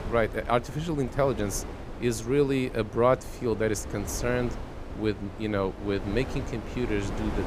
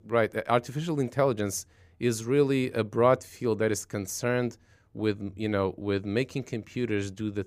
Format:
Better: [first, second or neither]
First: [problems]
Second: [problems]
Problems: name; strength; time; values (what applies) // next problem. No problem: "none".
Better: second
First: wind noise on the microphone; occasional gusts; 10 dB below the speech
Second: none